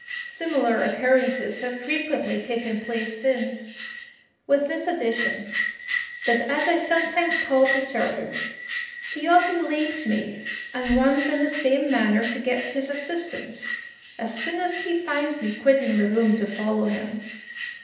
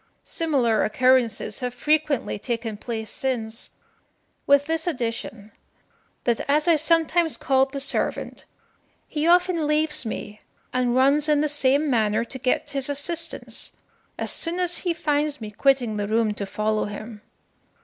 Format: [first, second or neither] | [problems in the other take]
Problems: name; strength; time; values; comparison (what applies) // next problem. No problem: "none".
second | background sound (Bell); 9 dB below the speech // room echo; dies away in 0.8 s